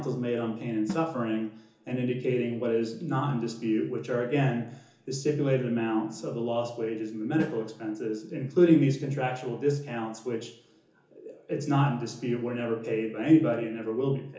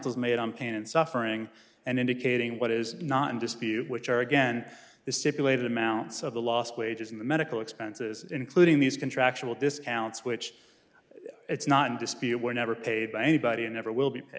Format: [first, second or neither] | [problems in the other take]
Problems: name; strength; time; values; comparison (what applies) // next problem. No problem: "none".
second | background sound (Drum); 18 dB below the speech // room echo; dies away in 0.7 s